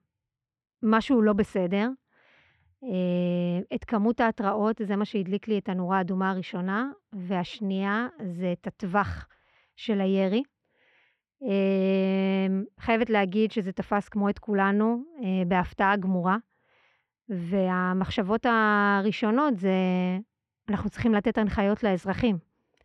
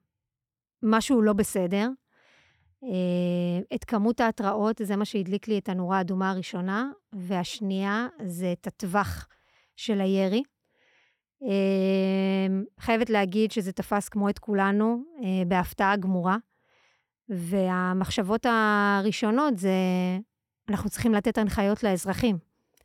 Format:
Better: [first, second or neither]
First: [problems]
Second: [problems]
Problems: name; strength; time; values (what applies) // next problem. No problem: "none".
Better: second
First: muffled; slightly; fading above 2.5 kHz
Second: none